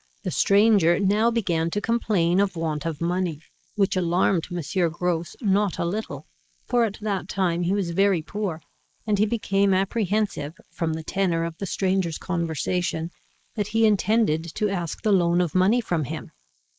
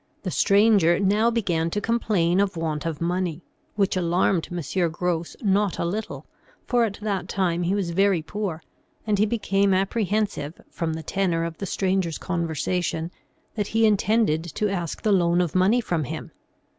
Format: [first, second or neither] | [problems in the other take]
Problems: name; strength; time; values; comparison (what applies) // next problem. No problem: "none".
second | noise reduction (neural mask model Resemble Enhance denoiser)